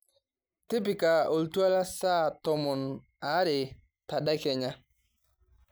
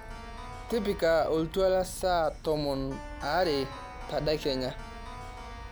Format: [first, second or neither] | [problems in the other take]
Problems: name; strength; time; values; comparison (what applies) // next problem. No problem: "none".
first | background sound (Keyboard (musical)); 11 dB below the speech